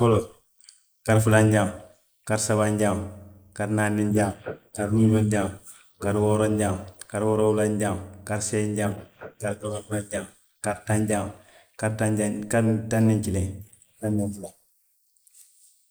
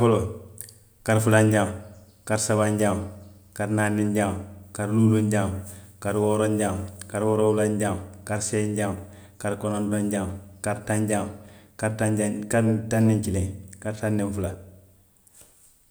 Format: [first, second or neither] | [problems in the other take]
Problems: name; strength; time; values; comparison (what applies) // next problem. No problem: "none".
second | noise reduction (neural mask model Resemble Enhance denoiser)